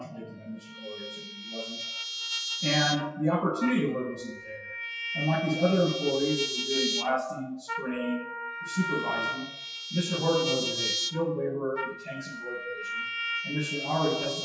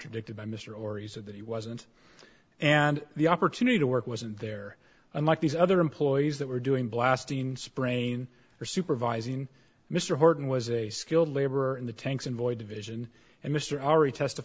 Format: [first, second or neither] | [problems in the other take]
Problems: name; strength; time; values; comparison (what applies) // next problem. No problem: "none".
second | noise reduction (classical method WPE with log-MMSE)